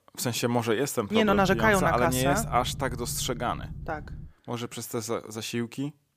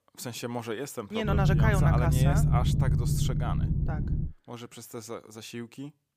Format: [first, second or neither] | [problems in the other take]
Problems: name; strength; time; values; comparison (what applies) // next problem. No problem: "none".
first | low rumble; loud; from 1.5 to 4.5 s; 3 dB below the speech; faint in the first